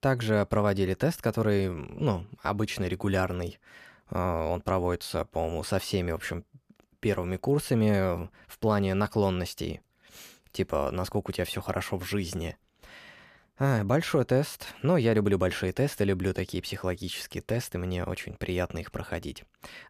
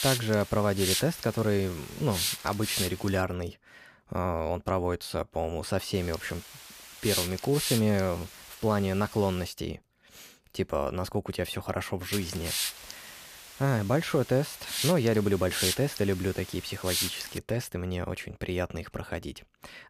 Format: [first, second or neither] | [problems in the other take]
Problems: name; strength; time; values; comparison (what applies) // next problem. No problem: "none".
first | hiss; loud; until 3 s, from 6 to 9.5 s and from 12 to 17 s; 2 dB below the speech